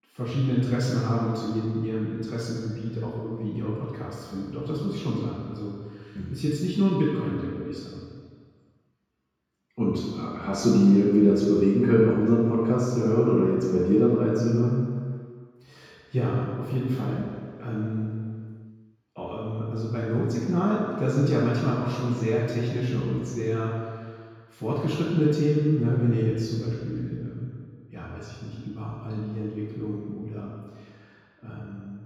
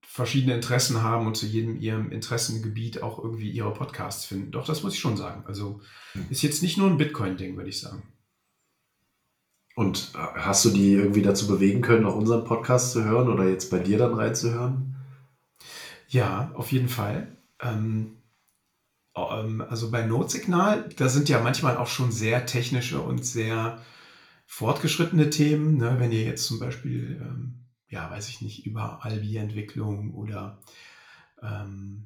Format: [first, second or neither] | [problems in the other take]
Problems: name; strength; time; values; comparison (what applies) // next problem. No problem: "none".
second | room echo; strong; dies away in 2 s; slight in the second // off-mic speech; far; somewhat distant in the second